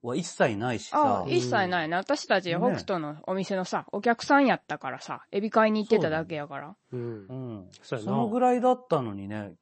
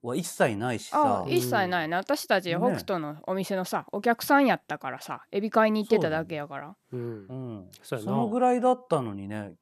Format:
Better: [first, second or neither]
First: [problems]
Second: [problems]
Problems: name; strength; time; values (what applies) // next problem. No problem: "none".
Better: second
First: garbled, watery; slightly; nothing above 8 kHz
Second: none